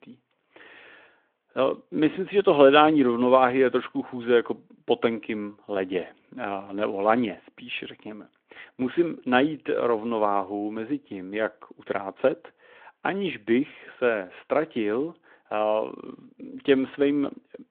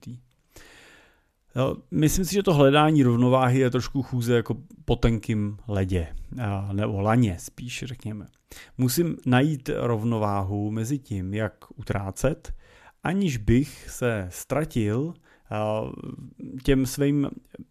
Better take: second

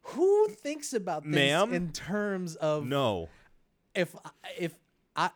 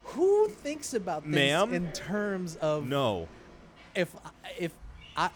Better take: first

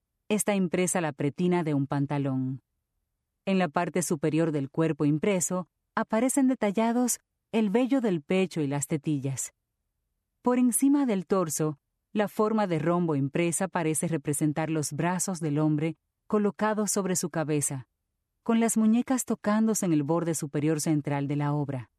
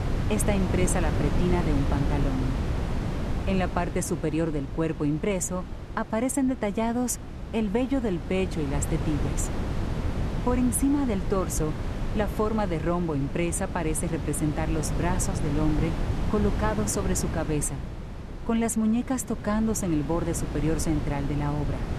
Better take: first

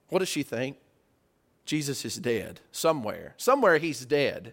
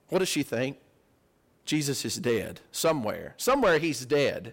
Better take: first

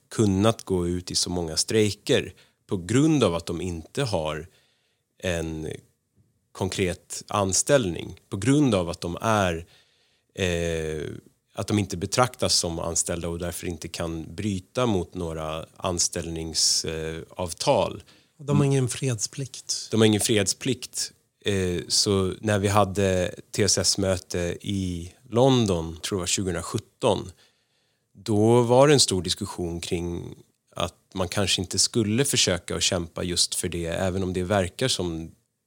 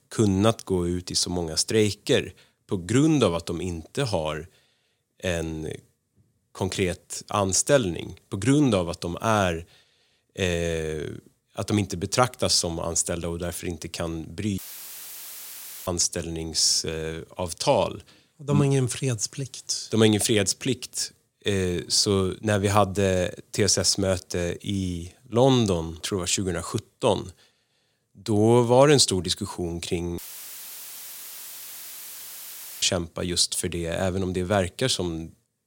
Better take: first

